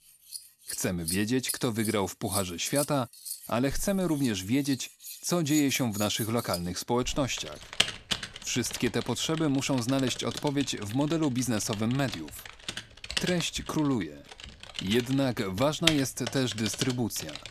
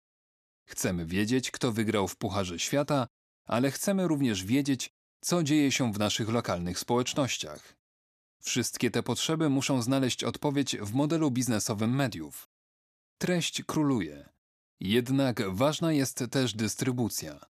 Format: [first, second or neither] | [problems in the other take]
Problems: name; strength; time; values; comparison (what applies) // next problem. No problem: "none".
second | household noises; loud; throughout; 7 dB below the speech